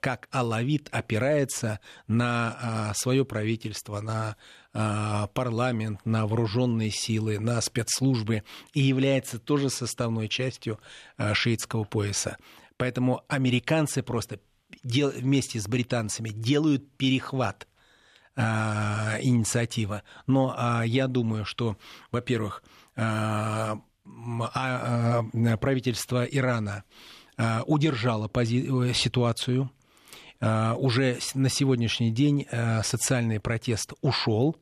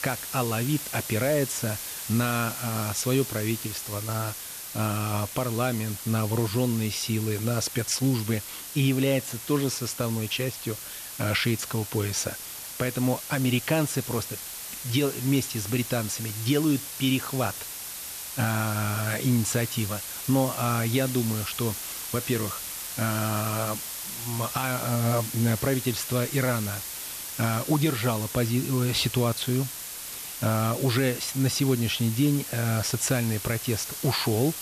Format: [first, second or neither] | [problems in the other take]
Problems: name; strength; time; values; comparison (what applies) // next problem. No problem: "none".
first | hiss; loud; throughout; 7 dB below the speech